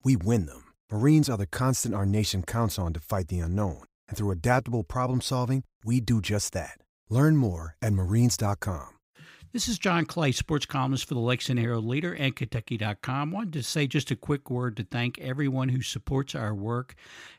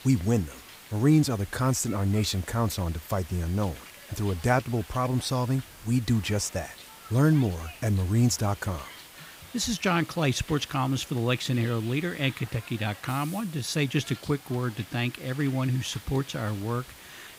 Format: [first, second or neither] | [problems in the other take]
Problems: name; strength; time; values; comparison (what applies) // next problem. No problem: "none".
first | hiss; noticeable; throughout; 15 dB below the speech